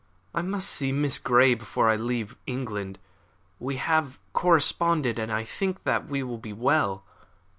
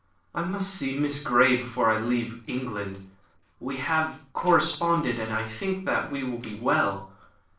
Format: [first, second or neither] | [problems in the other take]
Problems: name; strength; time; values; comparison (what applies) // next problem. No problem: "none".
first | noise reduction (neural separator model SepFormer DNS4)